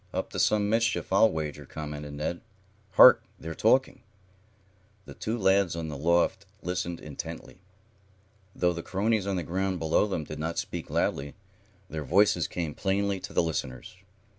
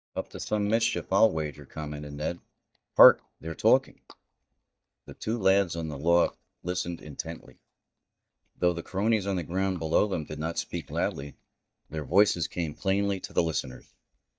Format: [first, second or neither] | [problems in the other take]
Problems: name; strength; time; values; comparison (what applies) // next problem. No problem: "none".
first | noise reduction (neural mask model DeepFilterNet 3)